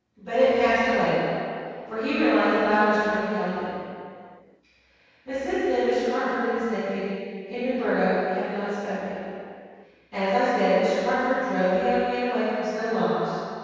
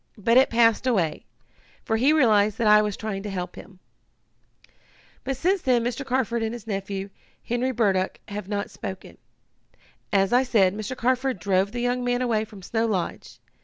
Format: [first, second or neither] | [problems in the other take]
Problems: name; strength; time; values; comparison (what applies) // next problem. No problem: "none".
second | room echo; dies away in 2.2 s